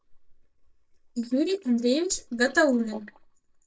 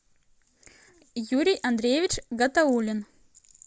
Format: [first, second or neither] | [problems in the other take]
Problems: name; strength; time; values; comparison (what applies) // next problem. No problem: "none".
second | noise reduction (neural mask model DeepFilterNet 3)